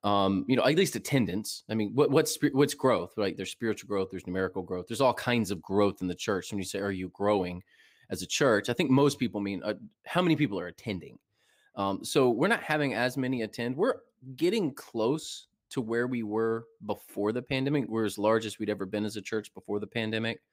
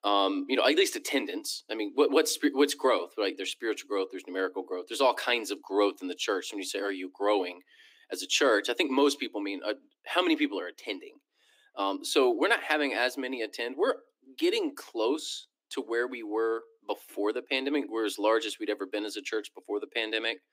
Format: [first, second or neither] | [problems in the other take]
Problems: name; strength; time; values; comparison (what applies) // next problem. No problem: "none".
first | thin; very slightly; fading below 300 Hz